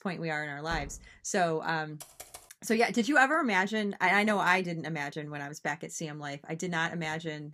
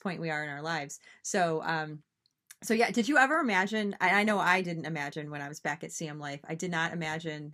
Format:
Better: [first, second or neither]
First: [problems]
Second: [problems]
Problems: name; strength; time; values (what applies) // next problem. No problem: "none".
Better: second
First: door banging; faint; at 0.5 s; peak 15 dB below the speech // keyboard typing; faint; at 2 s; peak 15 dB below the speech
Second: none